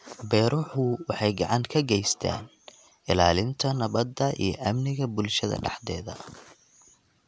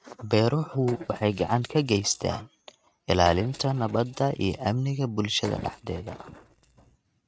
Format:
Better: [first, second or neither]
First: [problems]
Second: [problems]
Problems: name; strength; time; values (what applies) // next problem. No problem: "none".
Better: first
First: none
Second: noise reduction (neural mask model RNNoise)